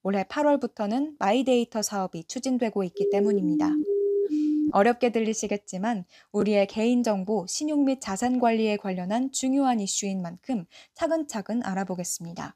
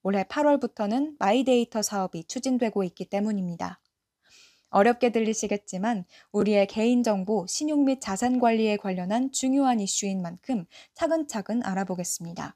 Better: second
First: siren; loud; from 3 to 4.5 s; peak 2 dB above the speech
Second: none

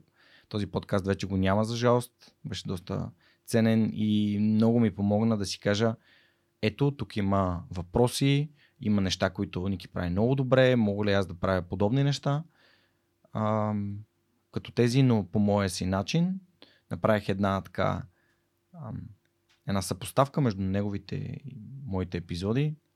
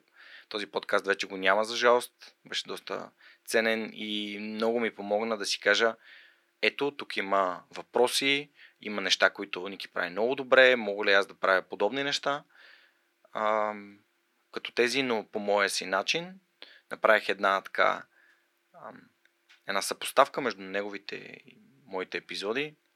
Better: first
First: none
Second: thin; very; fading below 400 Hz

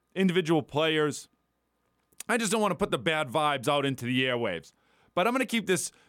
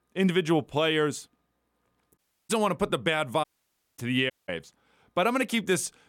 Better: first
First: none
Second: audio cutting out; at 2 s, at 3.5 s for 0.5 s and at 4.5 s

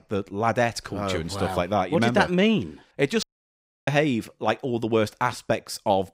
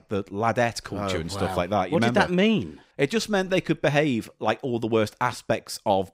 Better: second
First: audio cutting out; at 3 s for 0.5 s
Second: none

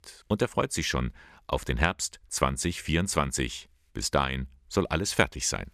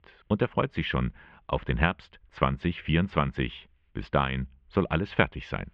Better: first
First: none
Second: muffled; very; fading above 3 kHz

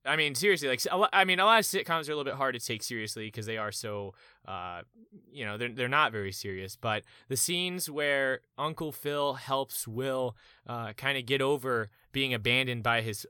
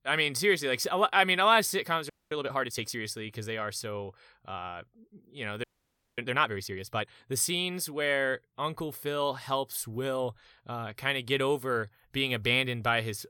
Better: first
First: none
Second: audio freezing; at 2 s and at 5.5 s for 0.5 s

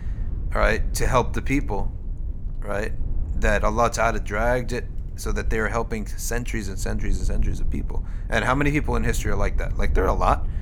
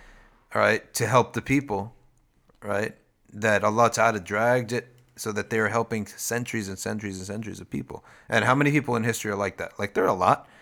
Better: second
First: low rumble; faint; throughout; 25 dB below the speech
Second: none

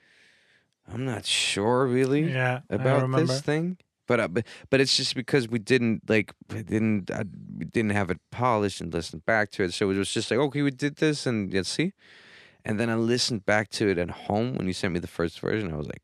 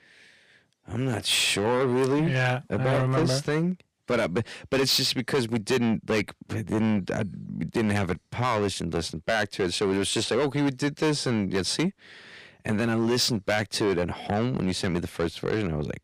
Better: first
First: none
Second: distortion; heavy; 8 dB below the speech

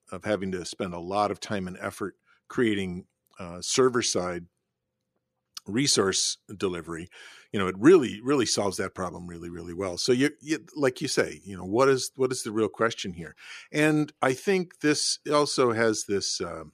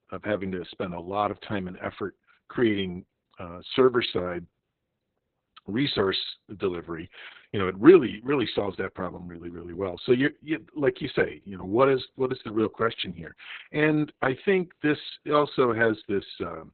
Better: first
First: none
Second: garbled, watery; badly; nothing above 4 kHz

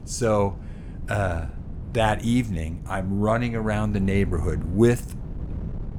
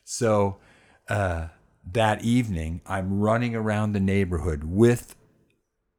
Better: second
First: wind noise on the microphone; occasional gusts; 20 dB below the speech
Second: none

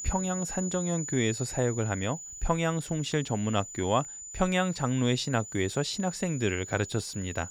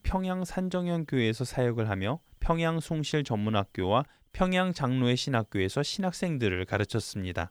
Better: second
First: high-pitched whine; loud; throughout; 7 kHz, 9 dB below the speech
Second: none

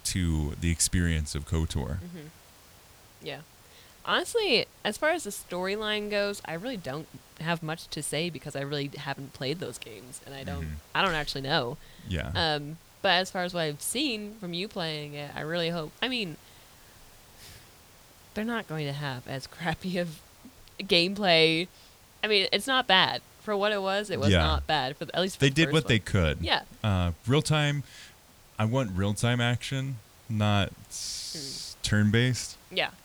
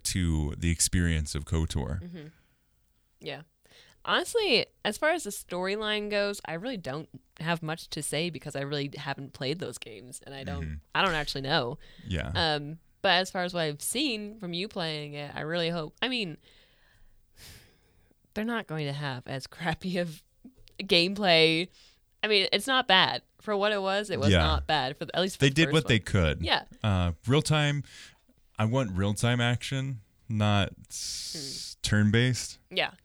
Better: second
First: hiss; faint; throughout; 25 dB below the speech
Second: none

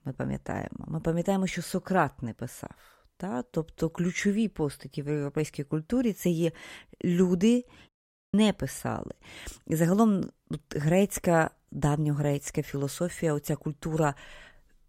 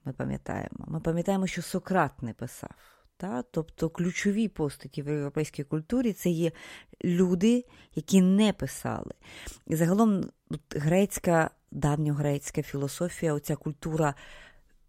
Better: second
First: audio cutting out; at 8 s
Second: none

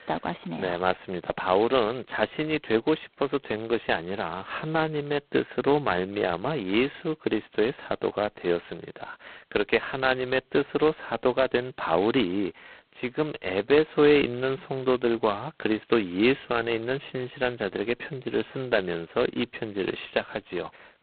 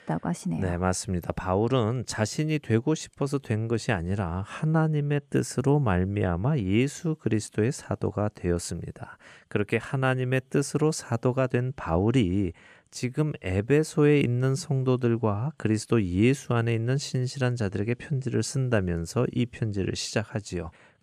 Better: second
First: phone-call audio; poor line; nothing above 4 kHz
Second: none

